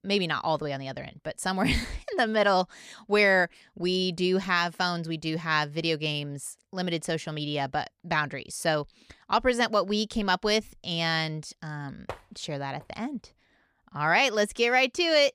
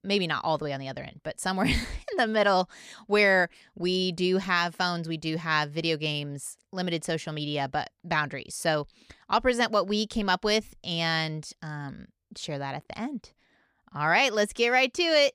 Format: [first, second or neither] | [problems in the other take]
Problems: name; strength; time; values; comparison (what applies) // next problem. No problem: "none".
second | door banging; faint; at 12 s; peak 15 dB below the speech